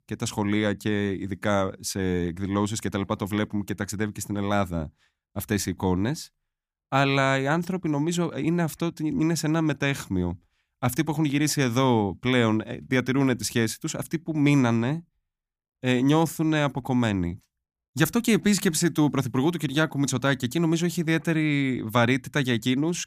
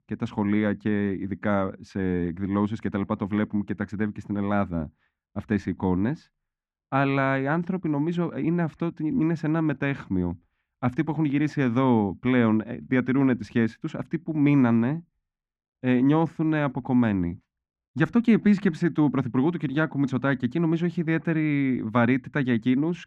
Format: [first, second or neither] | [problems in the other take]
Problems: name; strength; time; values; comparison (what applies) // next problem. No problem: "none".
first | muffled; very; fading above 2 kHz